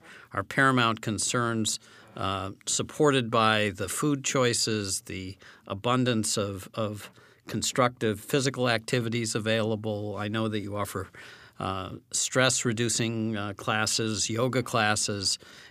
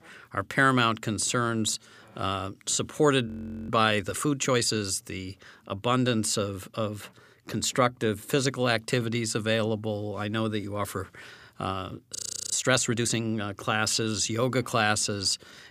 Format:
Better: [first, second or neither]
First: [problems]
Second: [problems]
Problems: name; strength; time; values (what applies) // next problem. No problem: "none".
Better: first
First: none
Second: audio freezing; at 3.5 s and at 12 s